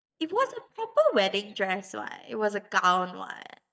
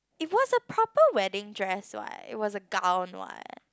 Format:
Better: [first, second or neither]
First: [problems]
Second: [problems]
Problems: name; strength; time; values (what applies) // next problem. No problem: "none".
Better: second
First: noise reduction (neural mask model DeepFilterNet 3)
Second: none